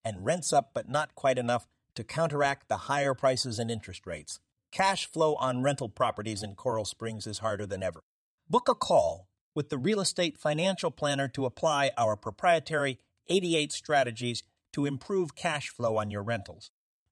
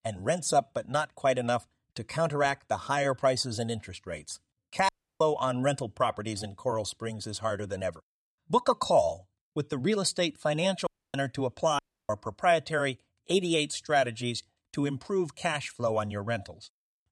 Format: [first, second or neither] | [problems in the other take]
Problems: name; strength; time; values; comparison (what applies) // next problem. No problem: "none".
first | audio cutting out; at 5 s, at 11 s and at 12 s